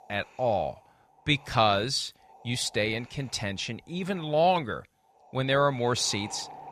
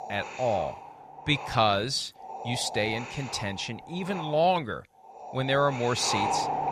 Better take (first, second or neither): first